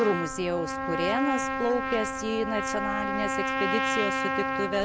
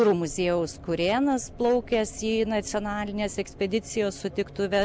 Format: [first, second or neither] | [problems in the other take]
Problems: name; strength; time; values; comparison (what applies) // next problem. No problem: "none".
second | background sound (Trumpet); as loud as the speech